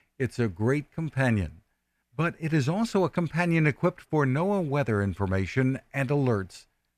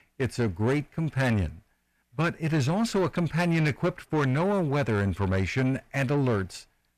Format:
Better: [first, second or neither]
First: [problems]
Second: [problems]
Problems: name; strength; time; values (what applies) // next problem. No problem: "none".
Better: first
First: none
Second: distortion; slight; 10 dB below the speech